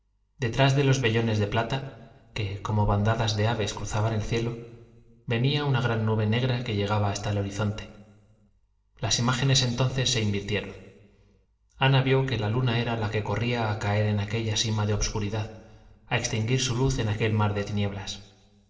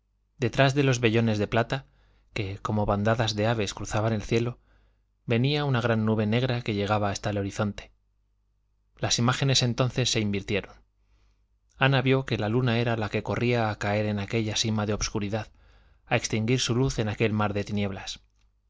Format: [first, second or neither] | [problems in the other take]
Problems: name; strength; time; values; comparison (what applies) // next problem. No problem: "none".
second | room echo; dies away in 1.5 s